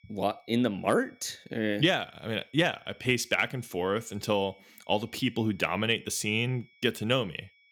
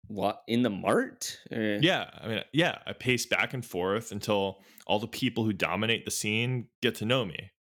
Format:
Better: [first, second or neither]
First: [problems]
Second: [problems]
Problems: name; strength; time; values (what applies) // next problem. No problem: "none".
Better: second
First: high-pitched whine; faint; throughout; 2.5 kHz, 30 dB below the speech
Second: none